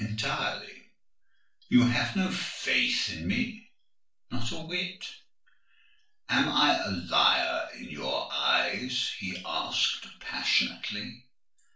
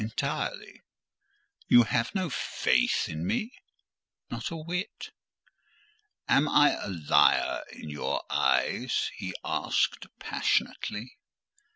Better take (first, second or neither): second